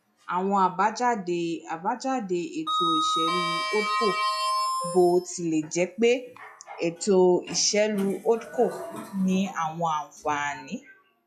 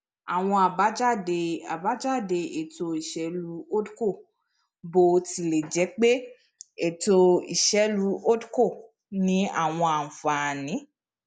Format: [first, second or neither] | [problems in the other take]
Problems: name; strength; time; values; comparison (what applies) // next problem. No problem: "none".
second | noise reduction (classical method log-MMSE)